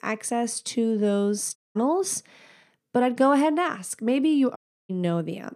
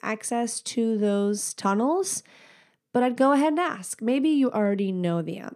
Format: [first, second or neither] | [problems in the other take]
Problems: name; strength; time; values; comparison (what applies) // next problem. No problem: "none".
second | audio cutting out; at 1.5 s and at 4.5 s